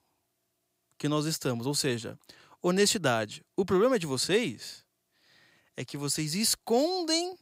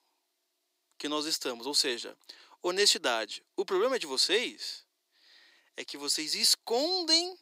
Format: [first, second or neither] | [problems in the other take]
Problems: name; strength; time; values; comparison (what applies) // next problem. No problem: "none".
first | thin; somewhat; fading below 300 Hz